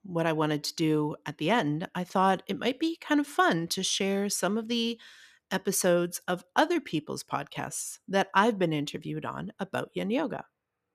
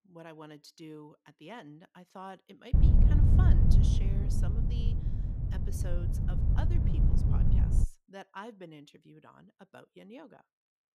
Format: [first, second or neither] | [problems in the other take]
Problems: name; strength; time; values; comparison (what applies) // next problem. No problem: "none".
first | wind noise on the microphone; heavy; from 2.5 to 8 s; 5 dB above the speech